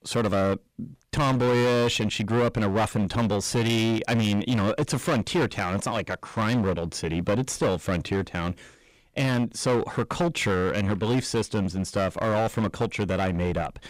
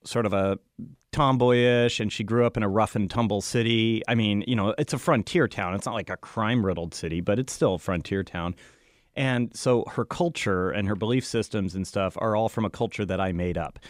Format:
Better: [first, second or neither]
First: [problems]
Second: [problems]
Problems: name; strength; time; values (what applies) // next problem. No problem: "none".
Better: second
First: distortion; heavy; 16% of the sound clipped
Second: none